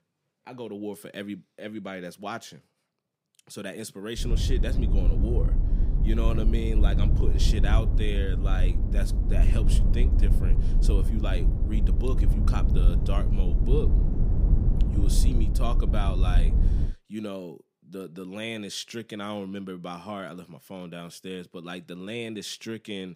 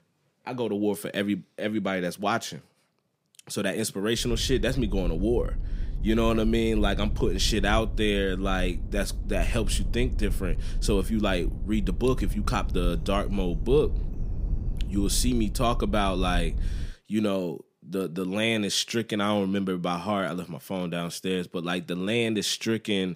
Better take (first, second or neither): second